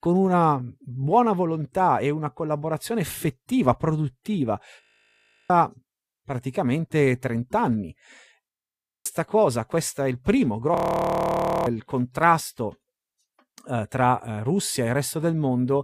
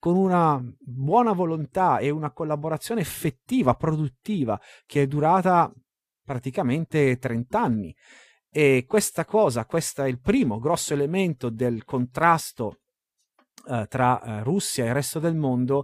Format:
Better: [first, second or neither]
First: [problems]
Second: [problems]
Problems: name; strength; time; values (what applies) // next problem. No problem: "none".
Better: second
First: audio freezing; at 5 s for 0.5 s, at 8.5 s for 0.5 s and at 11 s for 1 s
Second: none